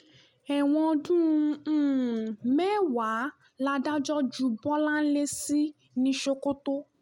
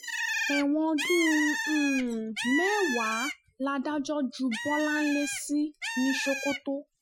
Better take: first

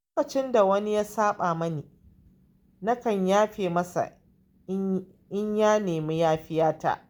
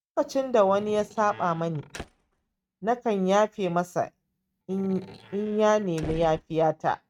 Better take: first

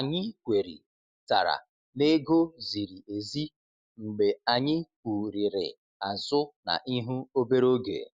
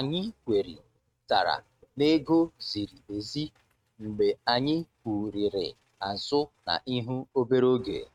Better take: first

